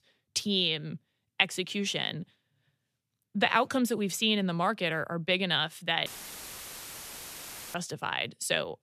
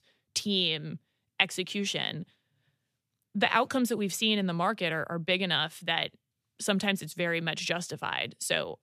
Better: second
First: audio cutting out; filled with static; at 6 s for 1.5 s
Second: none

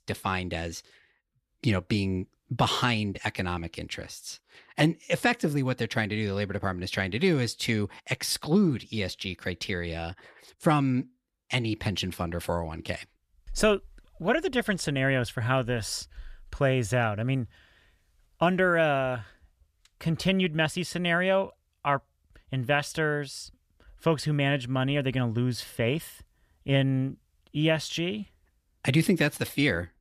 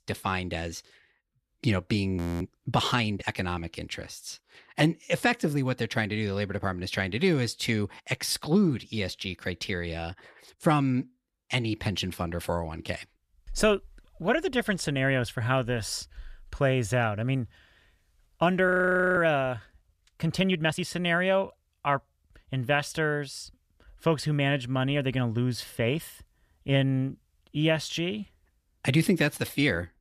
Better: first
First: none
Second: audio freezing; at 2 s and at 19 s

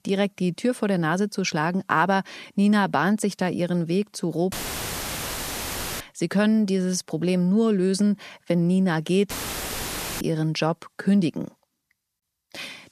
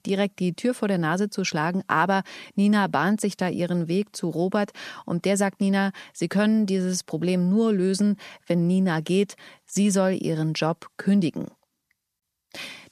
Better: second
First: audio cutting out; filled with static; at 4.5 s for 1.5 s and at 9.5 s for 1 s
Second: none

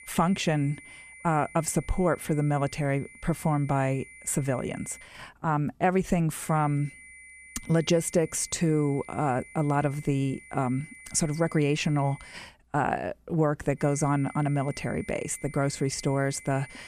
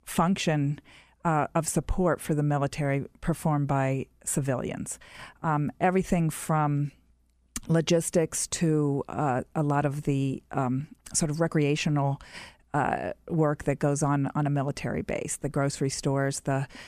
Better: second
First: high-pitched whine; noticeable; until 5 s, from 6.5 to 12 s and from 14 s on; 2 kHz, 20 dB below the speech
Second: none

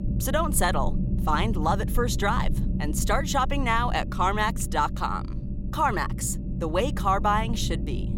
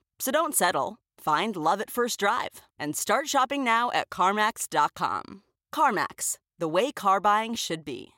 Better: second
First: low rumble; noticeable; throughout; 15 dB below the speech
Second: none

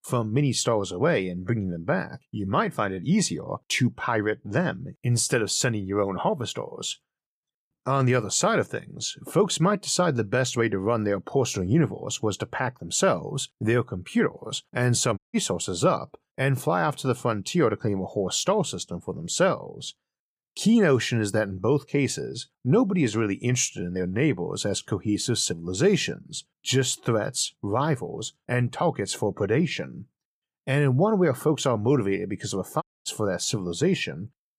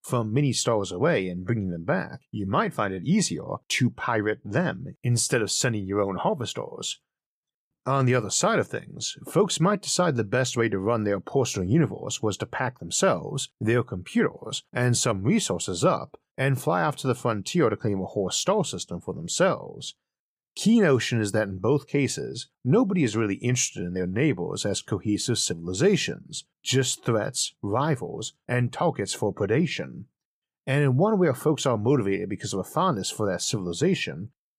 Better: second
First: audio cutting out; at 15 s and at 33 s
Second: none

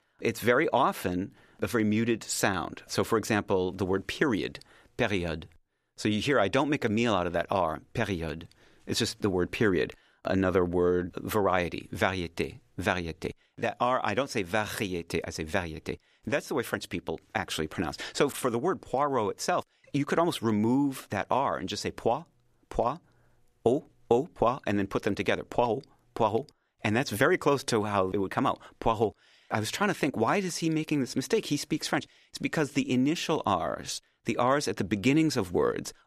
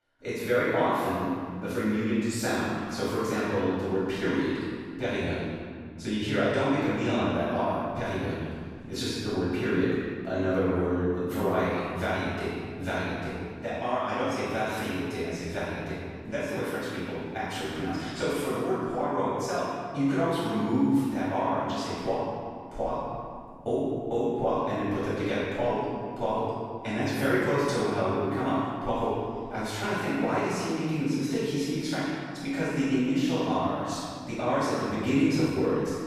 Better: first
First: none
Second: off-mic speech; far // room echo; strong; dies away in 2 s

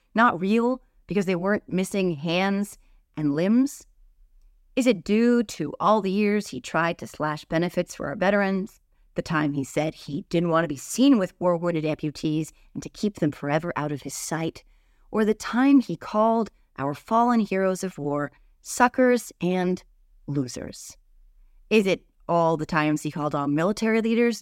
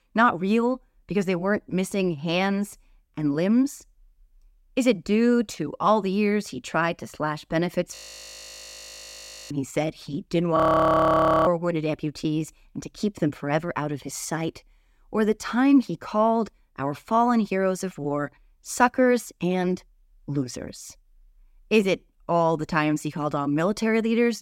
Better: first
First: none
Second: audio freezing; at 8 s for 1.5 s and at 11 s for 1 s

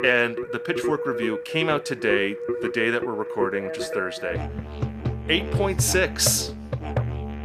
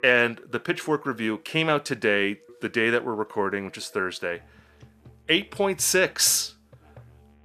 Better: second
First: background music; loud; throughout; 5 dB below the speech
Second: background music; faint; throughout; 30 dB below the speech

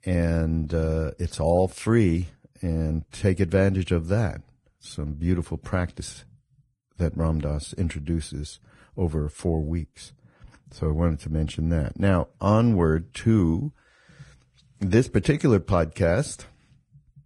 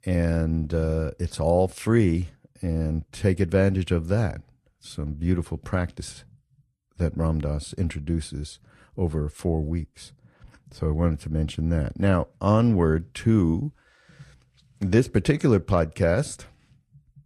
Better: second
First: garbled, watery; badly; nothing above 10 kHz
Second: garbled, watery; slightly

